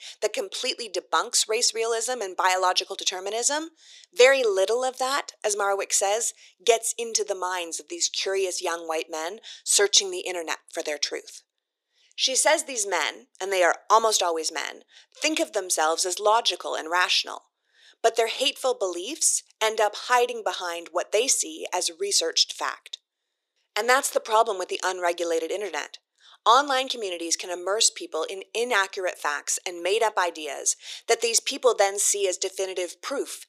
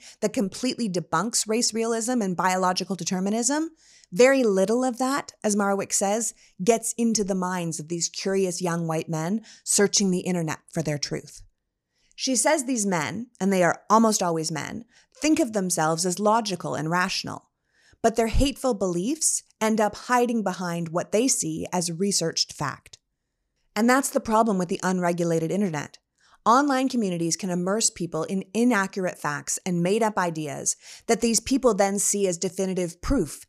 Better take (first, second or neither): second